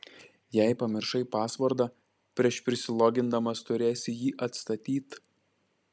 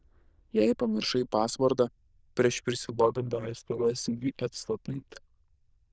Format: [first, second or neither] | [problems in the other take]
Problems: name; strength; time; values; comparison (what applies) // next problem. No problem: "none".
first | noise reduction (neural diffusion model UNIVERSE++)